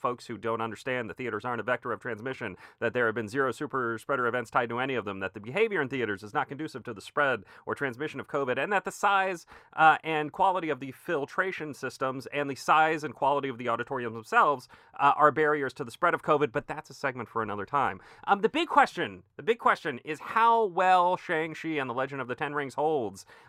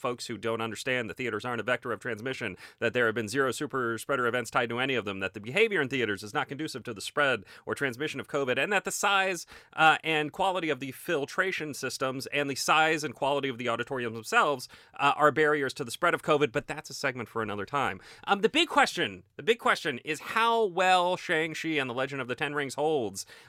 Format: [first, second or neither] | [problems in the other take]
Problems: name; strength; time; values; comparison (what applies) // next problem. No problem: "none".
second | muffled; slightly; fading above 2.5 kHz